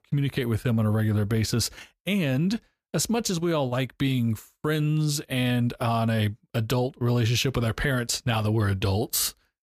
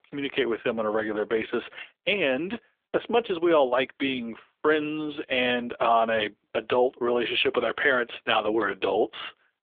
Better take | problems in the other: first | phone-call audio; nothing above 3.5 kHz

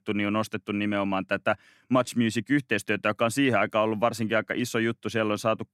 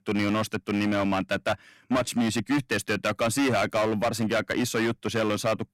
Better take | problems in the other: first | distortion; heavy; 15% of the sound clipped

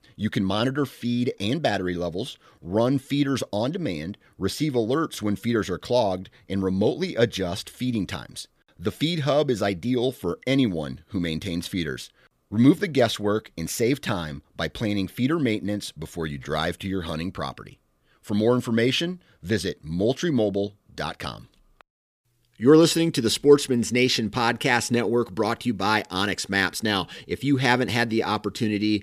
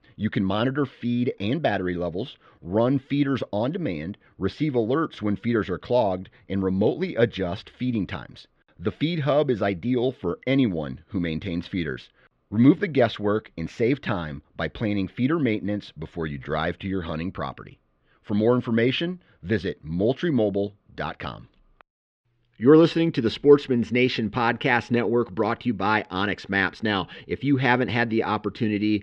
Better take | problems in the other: first | muffled; slightly; fading above 3 kHz

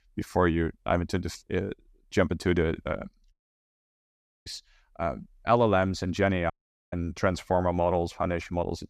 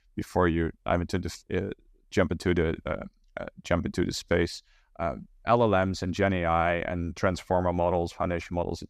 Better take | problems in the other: second | audio cutting out; at 3.5 s for 1 s and at 6.5 s

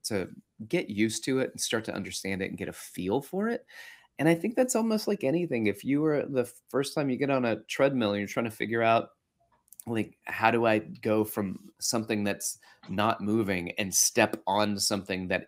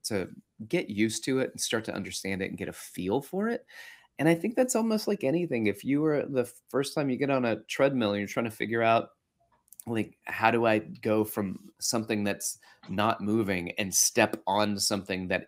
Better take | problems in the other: neither | none

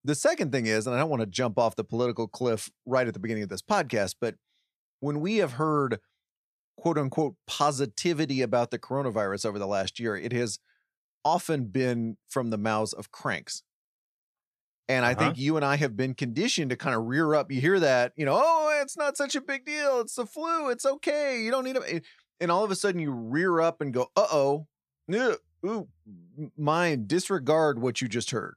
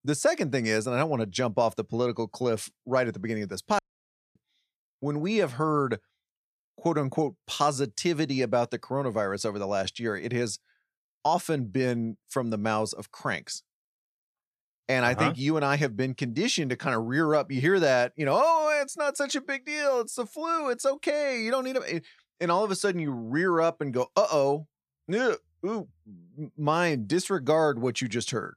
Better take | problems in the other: first | audio cutting out; at 4 s for 0.5 s

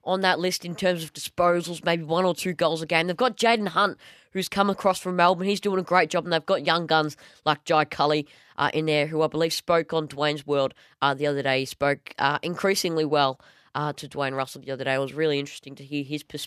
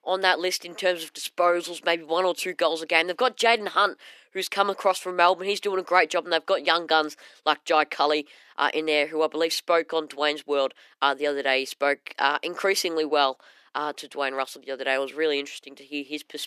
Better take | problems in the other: first | thin; somewhat; fading below 300 Hz

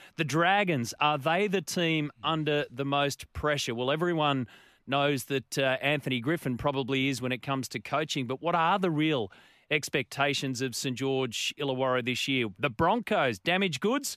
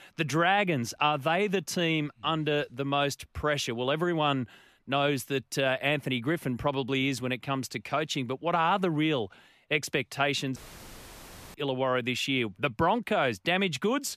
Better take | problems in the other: first | audio cutting out; filled with static; at 11 s for 1 s

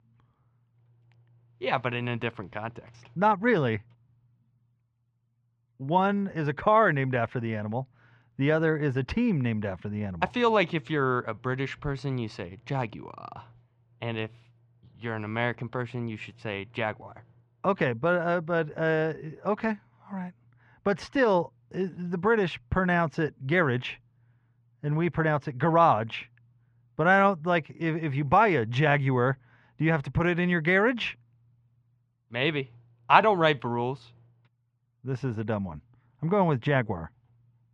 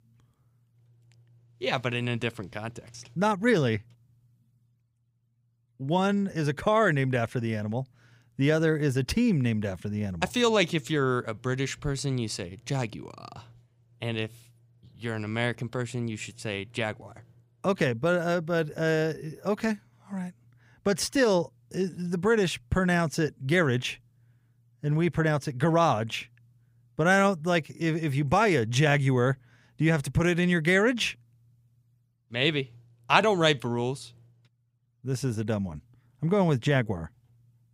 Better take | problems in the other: second | muffled; very; fading above 2.5 kHz

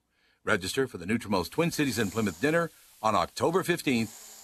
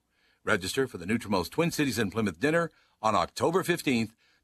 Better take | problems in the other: second | hiss; noticeable; from 1.5 s on; 20 dB below the speech

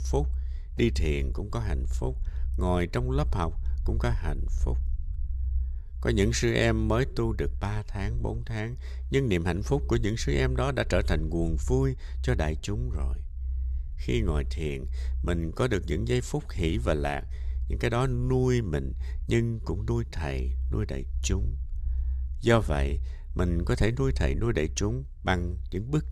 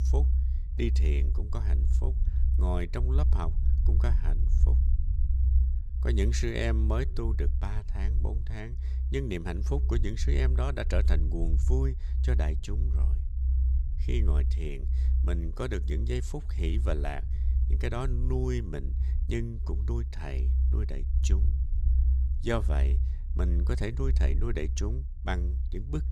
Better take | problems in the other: first | low rumble; loud; throughout; 10 dB below the speech; faint in the first

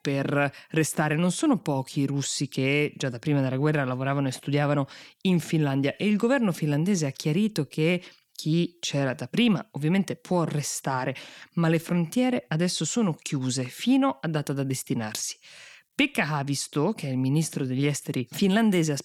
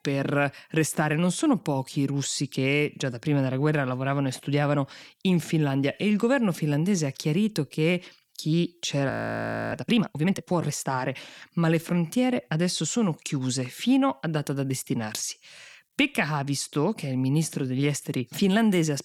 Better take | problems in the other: first | audio freezing; at 9 s for 0.5 s

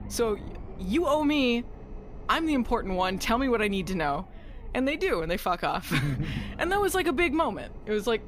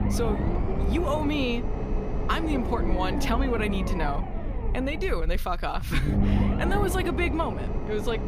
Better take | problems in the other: first | low rumble; loud; throughout; 5 dB below the speech; faint in the first

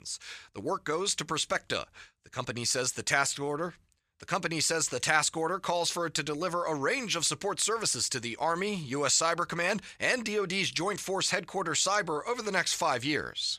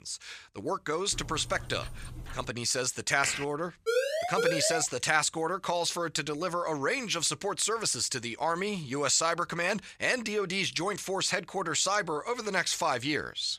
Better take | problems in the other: first | dog barking; faint; from 1 to 2.5 s; peak 15 dB below the speech // keyboard typing; noticeable; at 3 s; peak 5 dB below the speech // siren; loud; at 4 s; peak 1 dB above the speech

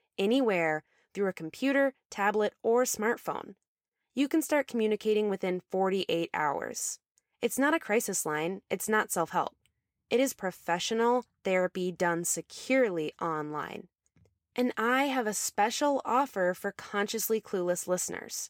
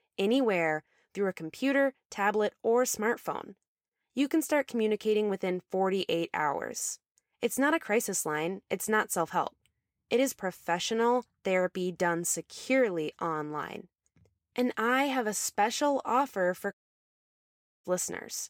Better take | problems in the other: first | audio cutting out; at 17 s for 1 s

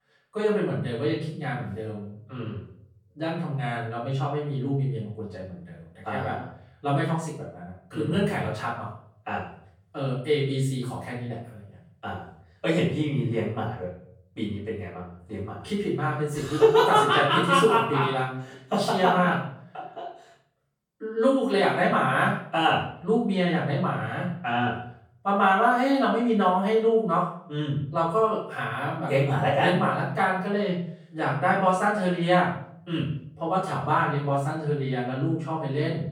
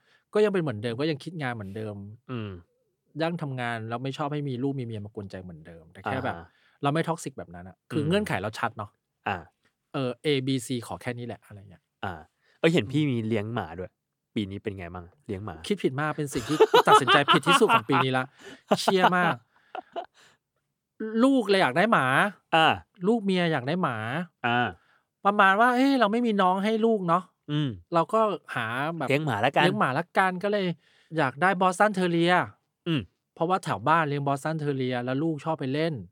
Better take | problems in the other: second | off-mic speech; far // room echo; noticeable; dies away in 0.6 s

